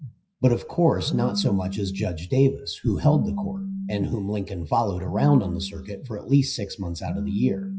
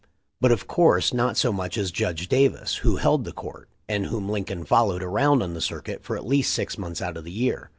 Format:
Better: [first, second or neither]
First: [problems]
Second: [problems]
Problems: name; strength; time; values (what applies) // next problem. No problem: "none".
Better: second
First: noise reduction (classical method WPE with log-MMSE)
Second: none